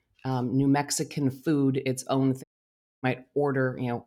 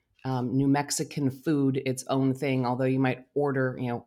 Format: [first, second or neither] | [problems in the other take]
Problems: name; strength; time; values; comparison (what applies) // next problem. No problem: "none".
second | audio cutting out; at 2.5 s for 0.5 s